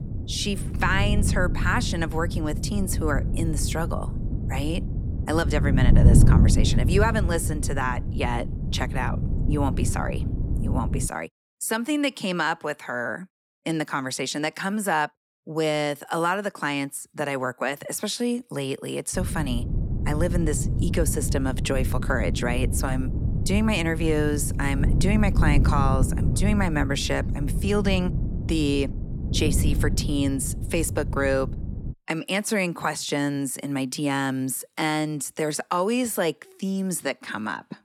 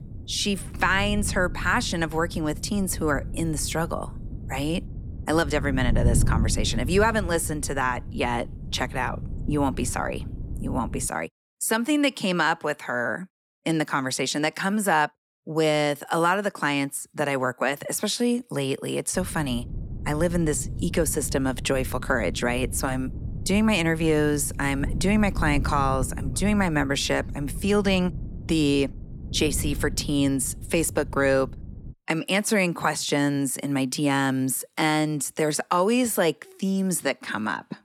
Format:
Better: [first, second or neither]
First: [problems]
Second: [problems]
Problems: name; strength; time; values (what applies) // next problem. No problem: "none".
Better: second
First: wind noise on the microphone; heavy; until 11 s and from 19 to 32 s; 10 dB below the speech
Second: wind noise on the microphone; occasional gusts; until 11 s and from 19 to 32 s; 20 dB below the speech